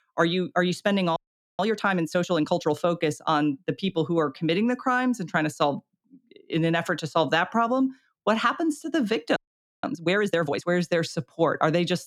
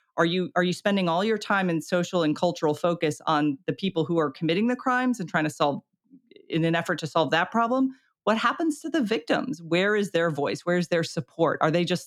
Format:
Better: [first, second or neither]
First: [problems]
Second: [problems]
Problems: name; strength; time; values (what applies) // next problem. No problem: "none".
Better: second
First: audio freezing; at 1 s and at 9.5 s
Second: none